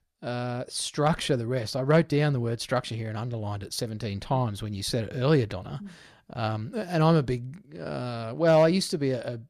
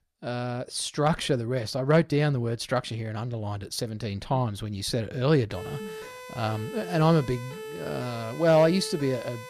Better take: first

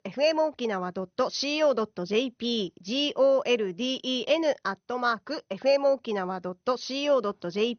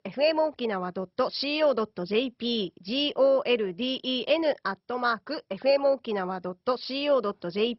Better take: first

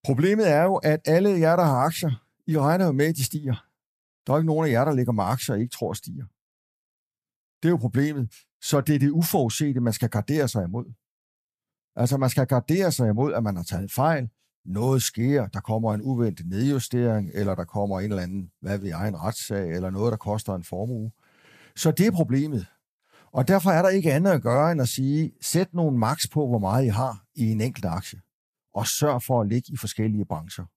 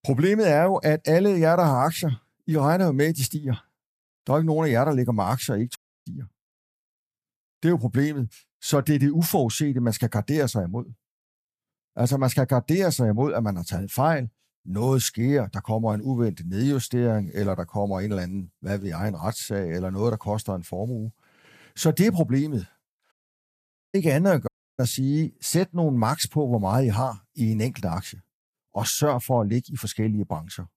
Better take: first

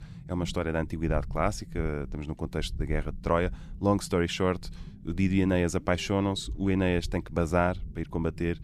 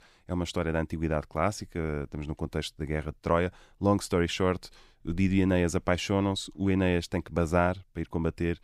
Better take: second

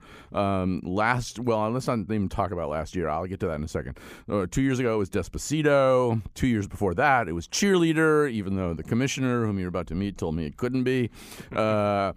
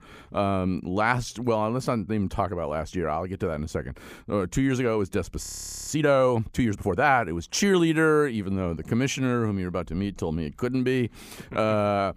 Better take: first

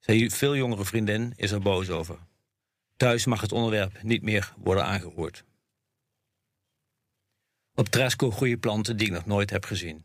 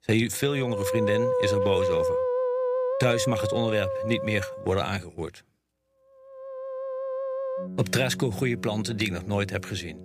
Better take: first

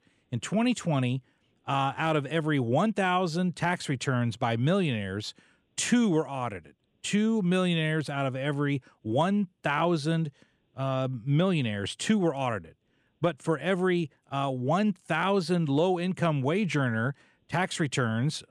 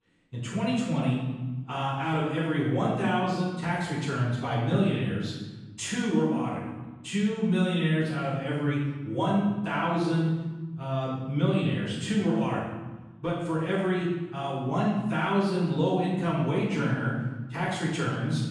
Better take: first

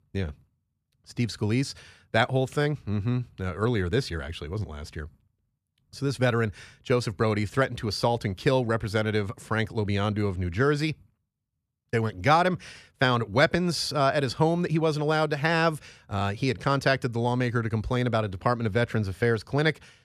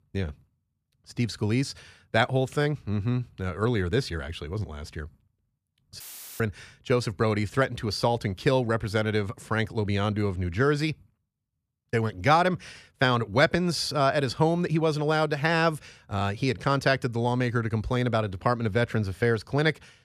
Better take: first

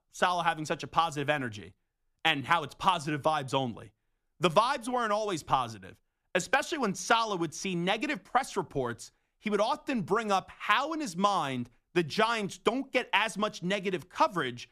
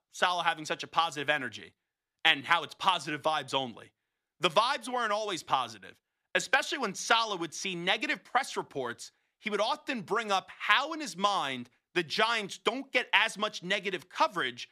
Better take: first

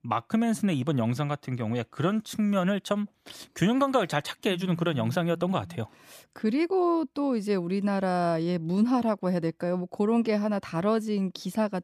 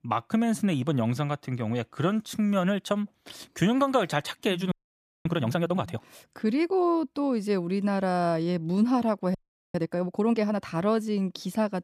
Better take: first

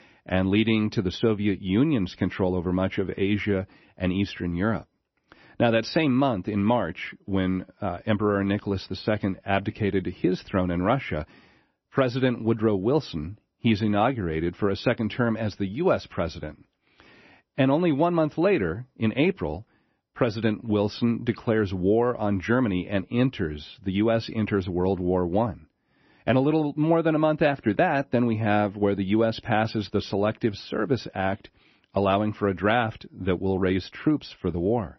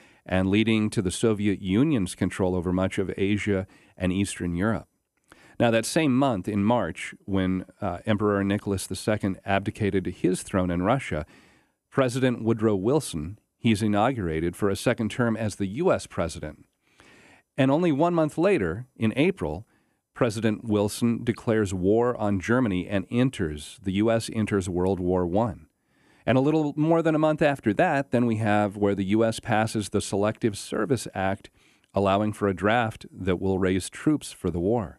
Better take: second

